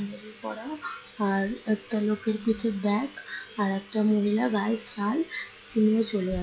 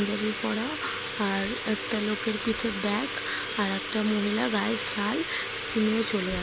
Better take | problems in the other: second | noise reduction (classical method log-MMSE)

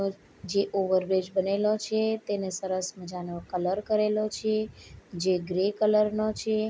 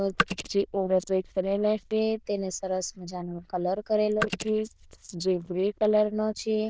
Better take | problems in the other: first | noise reduction (neural diffusion model UNIVERSE++)

